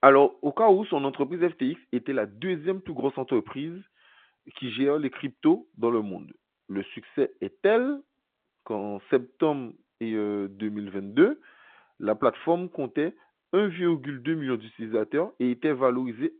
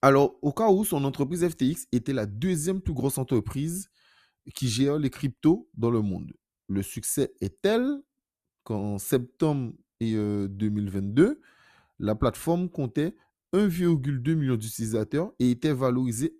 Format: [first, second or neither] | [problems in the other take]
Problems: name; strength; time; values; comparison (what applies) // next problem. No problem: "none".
second | phone-call audio; nothing above 3.5 kHz